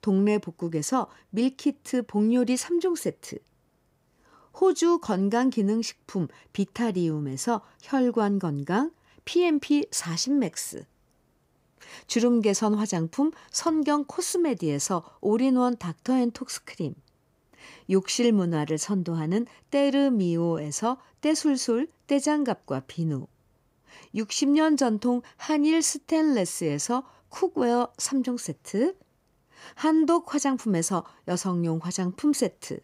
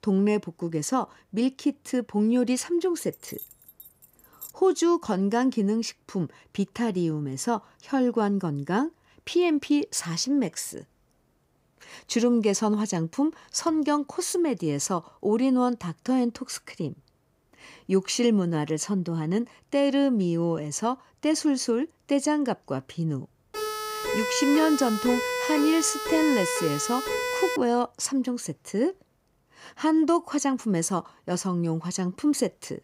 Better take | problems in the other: first | jangling keys; faint; from 3 to 4.5 s; peak 15 dB below the speech // siren; noticeable; from 24 to 28 s; peak 1 dB below the speech

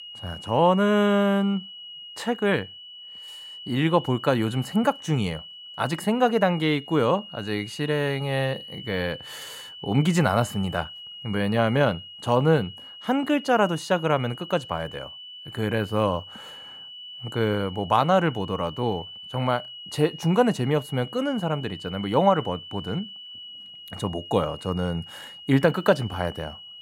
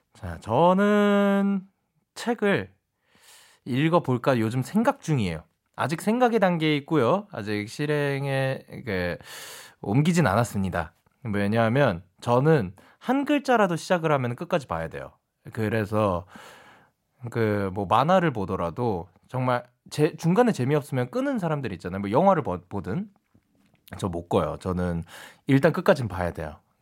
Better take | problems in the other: second | high-pitched whine; noticeable; throughout; 3 kHz, 15 dB below the speech

